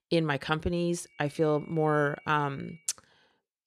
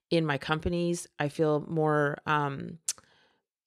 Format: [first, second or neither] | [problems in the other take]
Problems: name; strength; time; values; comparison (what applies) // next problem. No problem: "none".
second | high-pitched whine; faint; from 1 to 3 s; 2.5 kHz, 25 dB below the speech